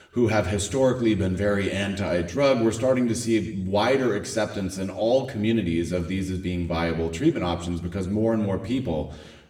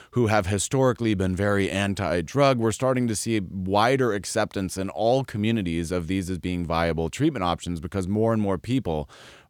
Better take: second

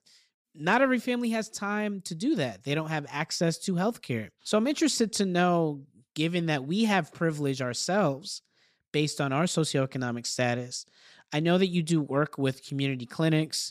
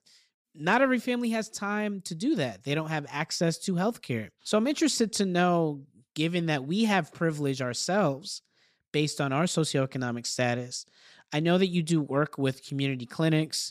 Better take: neither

